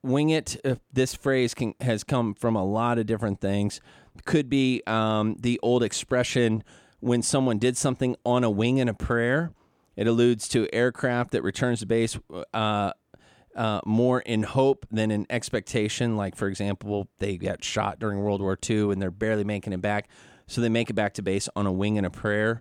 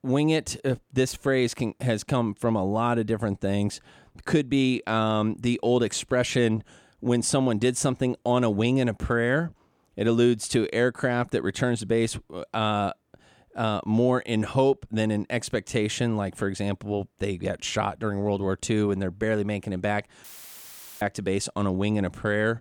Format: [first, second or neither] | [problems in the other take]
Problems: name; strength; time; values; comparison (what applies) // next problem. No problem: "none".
first | audio cutting out; filled with static; at 20 s for 1 s